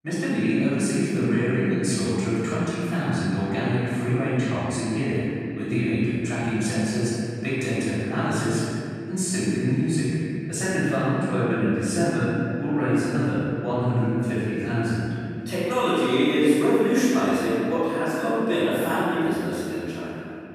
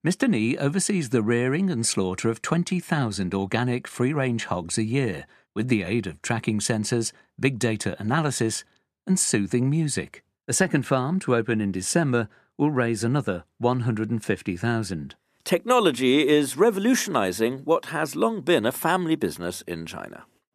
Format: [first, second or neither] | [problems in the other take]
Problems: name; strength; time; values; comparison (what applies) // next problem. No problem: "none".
second | off-mic speech; far // room echo; strong; dies away in 2.5 s